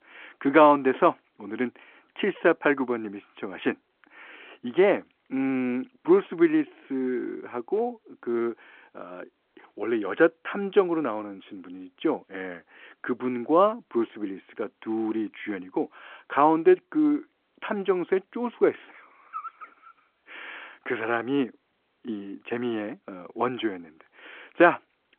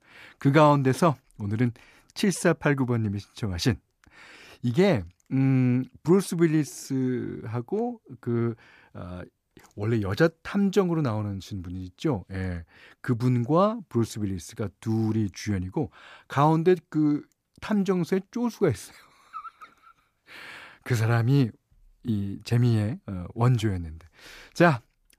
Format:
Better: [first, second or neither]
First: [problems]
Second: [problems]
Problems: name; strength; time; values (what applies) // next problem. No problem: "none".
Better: second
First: phone-call audio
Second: none